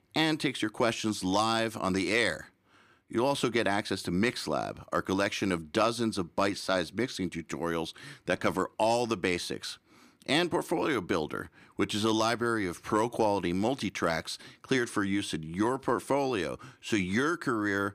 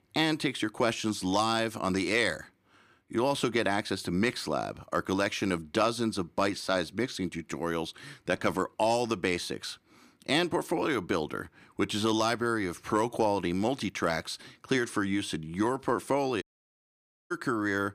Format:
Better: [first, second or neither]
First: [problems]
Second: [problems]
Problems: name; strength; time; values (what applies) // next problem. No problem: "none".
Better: first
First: none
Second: audio cutting out; at 16 s for 1 s